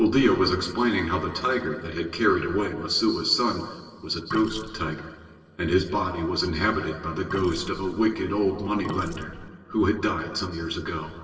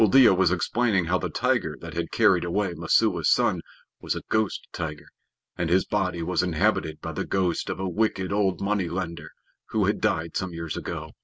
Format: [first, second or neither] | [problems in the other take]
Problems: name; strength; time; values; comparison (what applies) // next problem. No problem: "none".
second | noise reduction (neural separator model SepFormer DNS4)